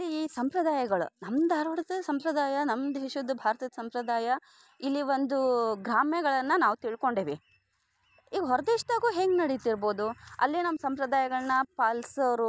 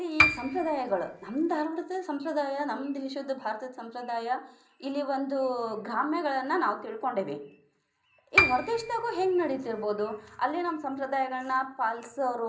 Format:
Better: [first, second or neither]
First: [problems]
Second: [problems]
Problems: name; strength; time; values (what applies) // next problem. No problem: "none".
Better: first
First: none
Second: background sound (Piano); 1 dB above the speech // room echo; dies away in 0.5 s